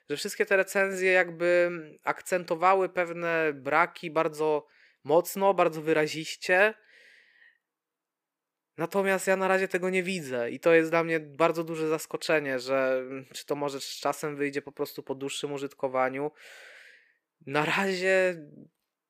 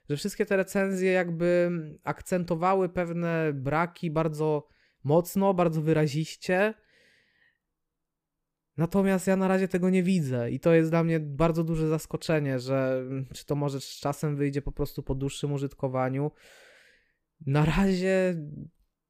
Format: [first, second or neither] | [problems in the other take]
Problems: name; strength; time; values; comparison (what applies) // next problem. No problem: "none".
second | thin; somewhat; fading below 400 Hz